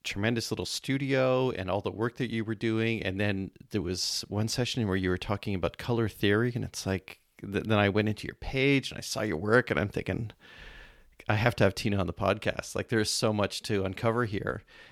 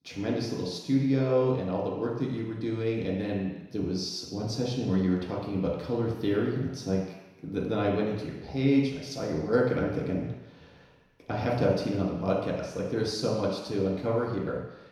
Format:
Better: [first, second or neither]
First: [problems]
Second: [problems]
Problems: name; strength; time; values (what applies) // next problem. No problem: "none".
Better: first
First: none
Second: room echo; noticeable; dies away in 1 s // off-mic speech; far